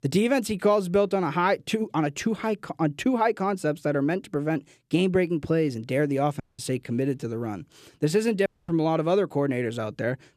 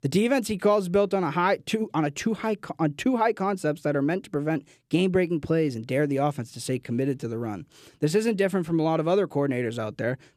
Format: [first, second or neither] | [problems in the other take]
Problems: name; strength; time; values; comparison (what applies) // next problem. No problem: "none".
second | audio cutting out; at 6.5 s and at 8.5 s